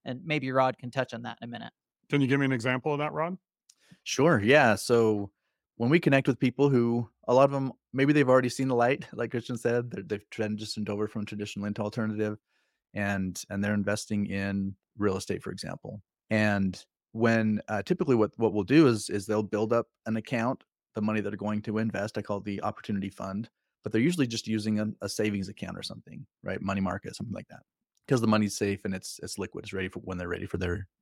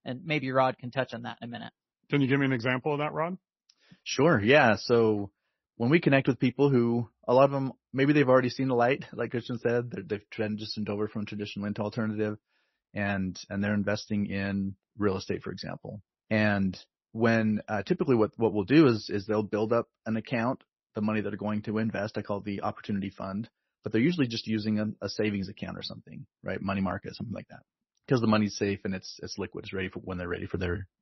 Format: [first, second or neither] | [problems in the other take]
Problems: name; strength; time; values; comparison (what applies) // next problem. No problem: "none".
first | garbled, watery; slightly; nothing above 6 kHz